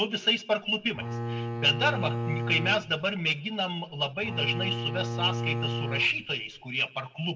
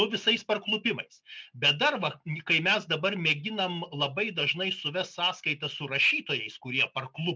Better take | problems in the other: second | background sound (Bowed string instrument); 3 dB below the speech // room echo; dies away in 1.3 s

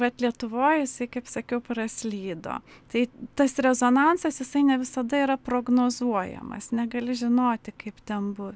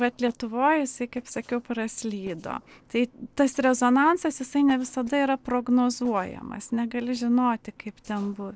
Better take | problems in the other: first | noise reduction (neural separator model SepFormer DNS4)

